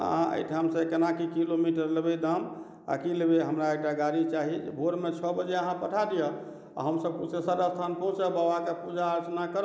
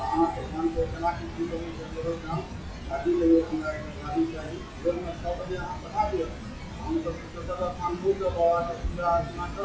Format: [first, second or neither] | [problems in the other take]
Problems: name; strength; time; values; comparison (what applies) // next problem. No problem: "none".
first | noise reduction (classical method WPE with log-MMSE)